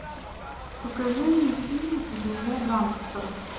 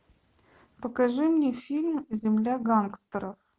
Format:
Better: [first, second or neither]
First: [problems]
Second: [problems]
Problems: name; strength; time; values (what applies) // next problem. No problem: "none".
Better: second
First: background sound (Ocean / Boat, Water vehicle); 10 dB below the speech // room echo; dies away in 1 s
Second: none